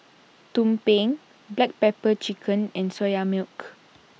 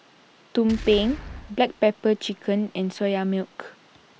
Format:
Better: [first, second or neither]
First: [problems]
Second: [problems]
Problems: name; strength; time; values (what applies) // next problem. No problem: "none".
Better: first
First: none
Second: background sound (Boom); 16 dB below the speech